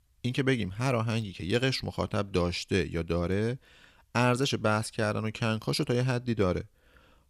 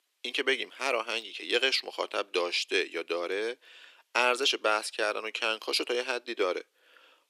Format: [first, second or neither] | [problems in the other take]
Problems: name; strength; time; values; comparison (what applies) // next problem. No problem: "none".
first | thin; very; fading below 350 Hz